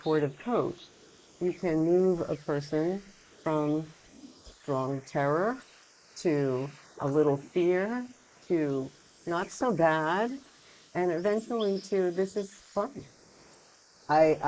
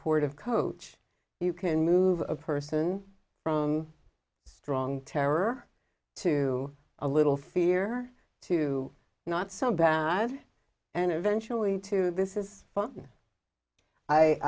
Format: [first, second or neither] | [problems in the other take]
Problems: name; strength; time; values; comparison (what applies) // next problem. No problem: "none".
second | noise reduction (neural mask model Resemble Enhance denoiser)